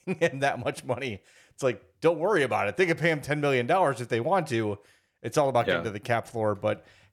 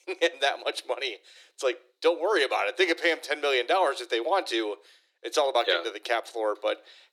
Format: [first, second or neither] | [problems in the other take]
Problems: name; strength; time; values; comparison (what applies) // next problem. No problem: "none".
first | thin; very; fading below 350 Hz